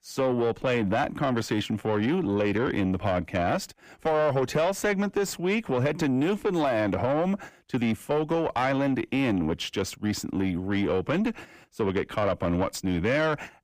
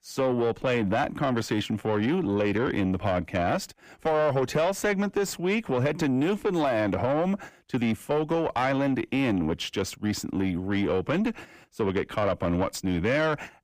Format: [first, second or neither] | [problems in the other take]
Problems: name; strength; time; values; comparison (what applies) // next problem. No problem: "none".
neither | distortion; slight; 10 dB below the speech; the same in both